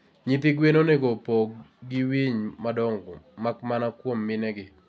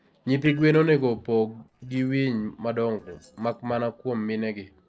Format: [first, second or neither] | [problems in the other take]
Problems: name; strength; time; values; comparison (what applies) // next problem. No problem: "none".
first | noise reduction (neural separator model SepFormer DNS4)